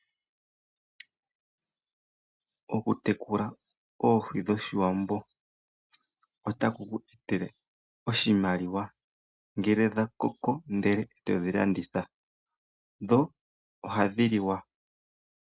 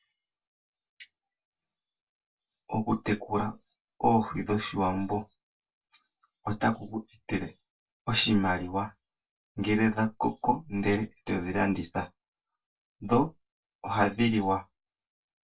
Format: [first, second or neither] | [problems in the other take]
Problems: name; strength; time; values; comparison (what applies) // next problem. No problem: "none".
first | room echo; dies away in 0.1 s